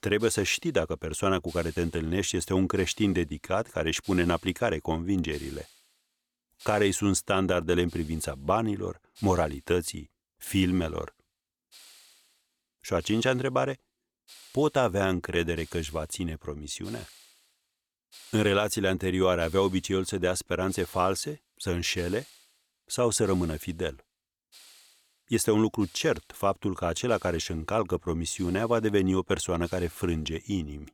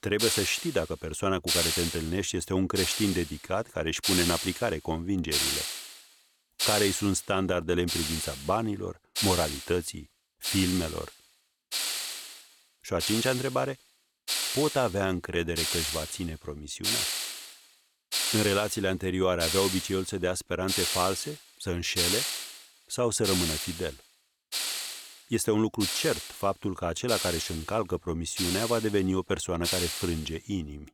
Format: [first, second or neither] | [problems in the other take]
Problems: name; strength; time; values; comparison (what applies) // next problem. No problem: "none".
first | hiss; loud; throughout; as loud as the speech; faint in the first